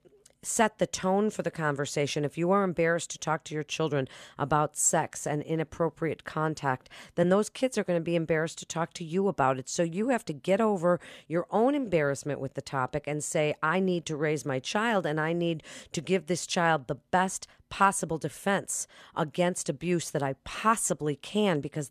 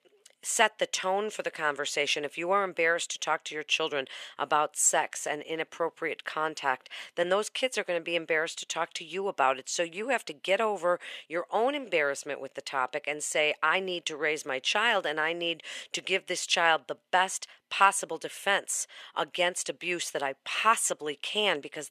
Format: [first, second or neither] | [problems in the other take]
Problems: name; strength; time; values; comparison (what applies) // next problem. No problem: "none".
first | thin; somewhat; fading below 500 Hz